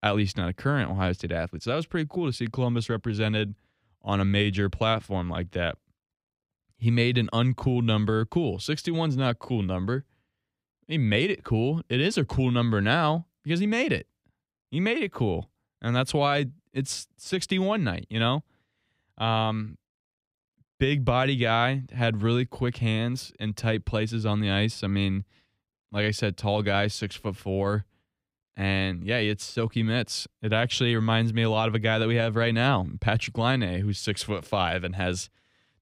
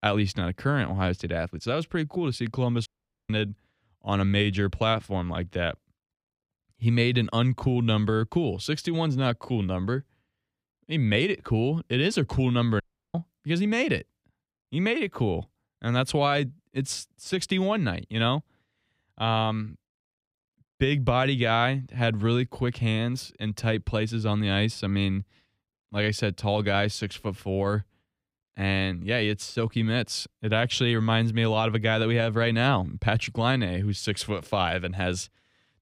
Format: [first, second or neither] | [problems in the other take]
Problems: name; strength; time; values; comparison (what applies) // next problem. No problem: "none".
first | audio cutting out; at 3 s and at 13 s